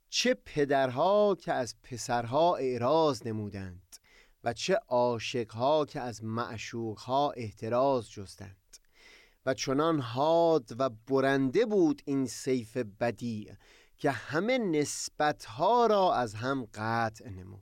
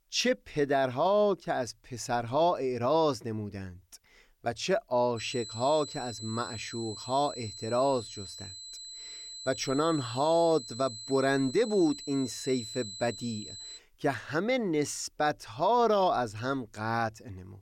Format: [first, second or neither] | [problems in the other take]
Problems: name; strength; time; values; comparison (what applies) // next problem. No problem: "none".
first | high-pitched whine; noticeable; from 5 to 14 s; 4 kHz, 10 dB below the speech